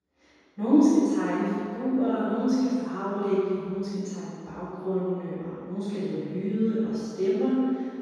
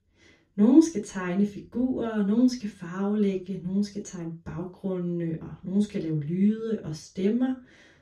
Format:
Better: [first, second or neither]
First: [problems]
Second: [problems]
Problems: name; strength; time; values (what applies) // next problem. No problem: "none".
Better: second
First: room echo; strong; dies away in 2.1 s // off-mic speech; far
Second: room echo; slight; dies away in 0.2 s // off-mic speech; far